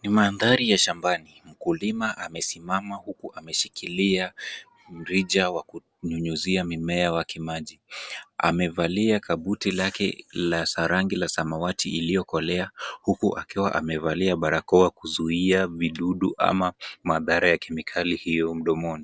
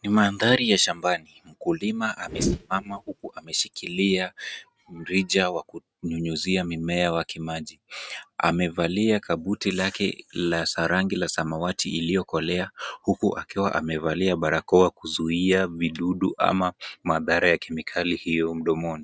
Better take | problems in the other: first | noise reduction (neural mask model RNNoise)

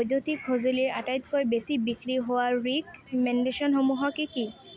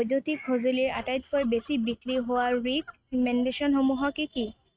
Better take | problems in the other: first | noise reduction (neural mask model RNNoise)

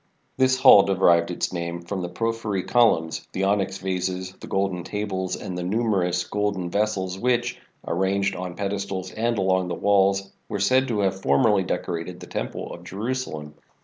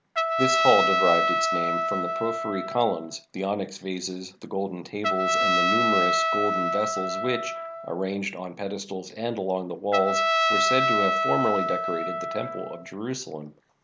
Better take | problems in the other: first | background sound (Trumpet); 2 dB above the speech

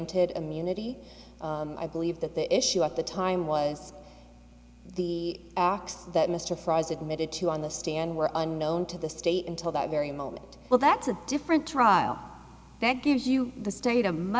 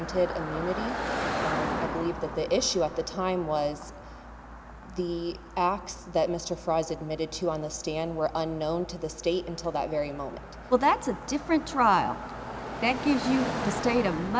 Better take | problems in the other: first | background sound (Car passing by); 8 dB below the speech

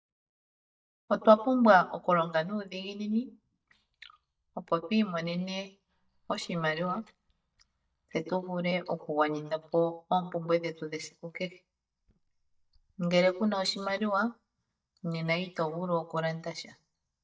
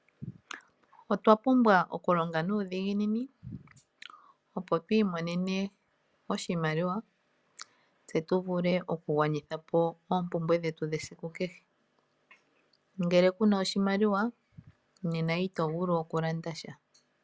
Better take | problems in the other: second | noise reduction (neural mask model DeepFilterNet 3)

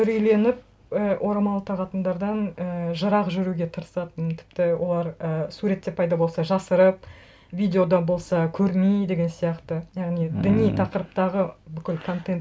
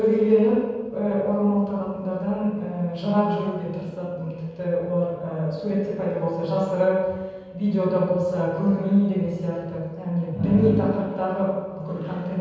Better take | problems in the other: first | room echo; dies away in 1.2 s

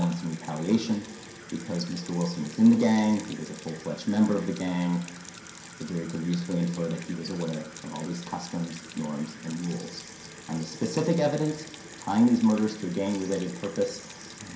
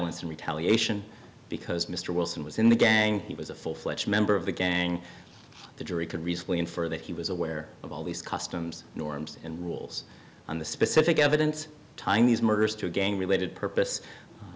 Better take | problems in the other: second | background sound (Sink (filling or washing) / Water tap, faucet); 17 dB below the speech // room echo; dies away in 0.5 s

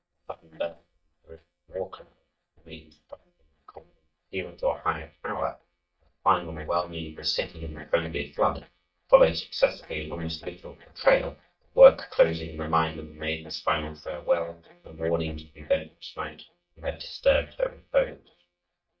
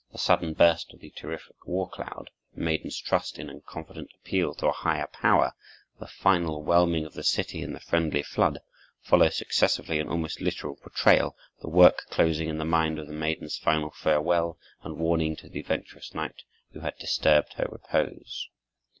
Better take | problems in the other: second | noise reduction (neural mask model DeepFilterNet 3)

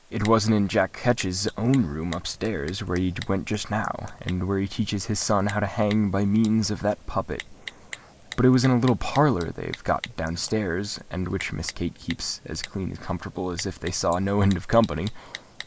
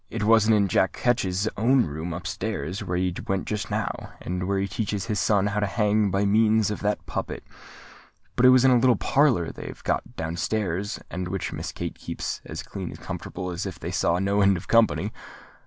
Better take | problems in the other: second | noise reduction (neural mask model Resemble Enhance denoiser)

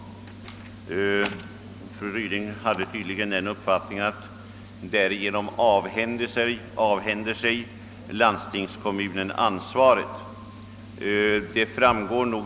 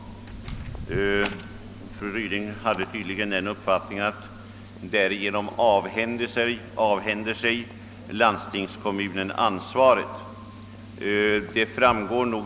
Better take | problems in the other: first | background sound (Walk, footsteps); 20 dB below the speech

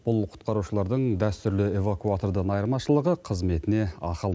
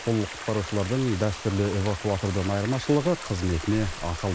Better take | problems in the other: first | background sound (Stream); 11 dB below the speech

